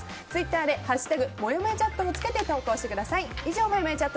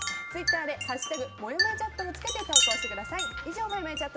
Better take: first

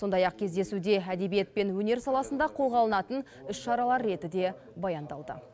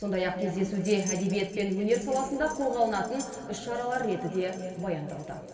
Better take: first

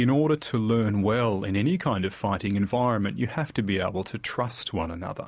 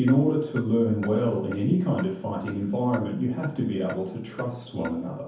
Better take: first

